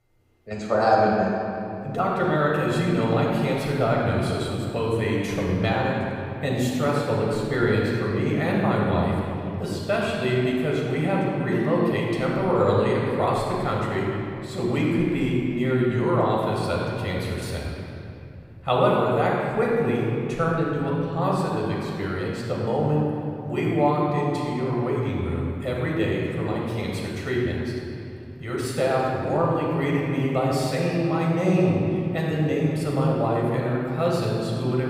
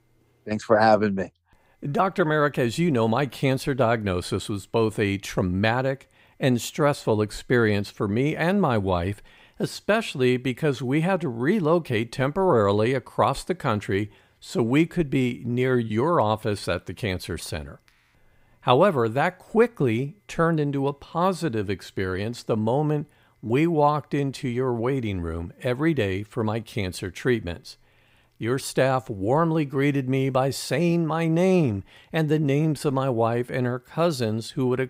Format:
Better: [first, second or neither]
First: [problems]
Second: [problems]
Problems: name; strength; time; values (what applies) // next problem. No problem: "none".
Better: second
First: room echo; strong; dies away in 2.7 s // off-mic speech; far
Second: none